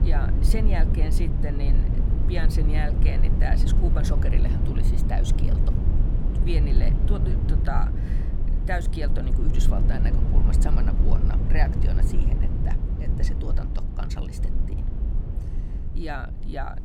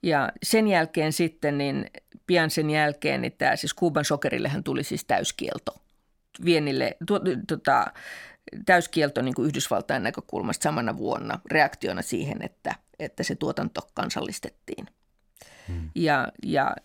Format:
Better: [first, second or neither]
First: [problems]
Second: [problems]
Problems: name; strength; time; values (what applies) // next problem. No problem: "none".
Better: second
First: low rumble; loud; throughout; 3 dB below the speech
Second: none